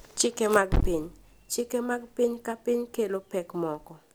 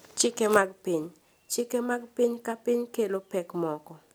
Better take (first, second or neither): second